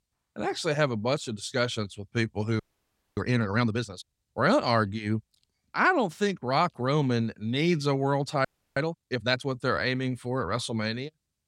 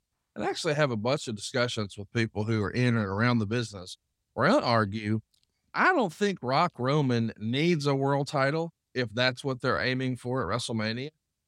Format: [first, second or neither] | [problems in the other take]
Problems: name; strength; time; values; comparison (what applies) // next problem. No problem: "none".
second | audio freezing; at 2.5 s for 0.5 s and at 8.5 s